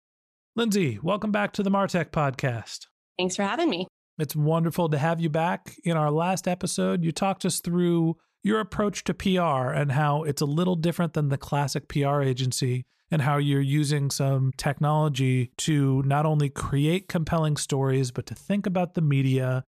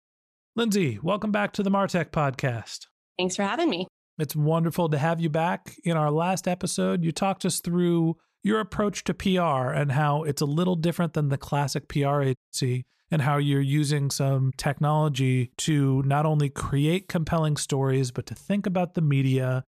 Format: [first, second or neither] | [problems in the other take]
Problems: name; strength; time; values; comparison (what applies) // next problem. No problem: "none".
first | audio cutting out; at 12 s